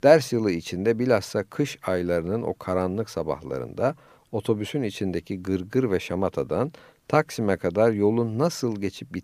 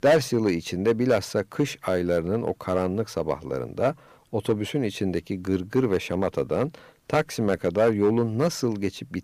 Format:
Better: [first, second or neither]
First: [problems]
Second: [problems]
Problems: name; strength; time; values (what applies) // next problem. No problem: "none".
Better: first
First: none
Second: distortion; slight; 2% of the sound clipped